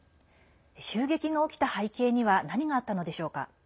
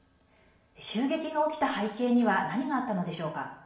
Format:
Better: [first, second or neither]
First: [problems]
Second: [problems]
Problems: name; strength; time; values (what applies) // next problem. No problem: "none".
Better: first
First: none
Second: room echo; dies away in 0.7 s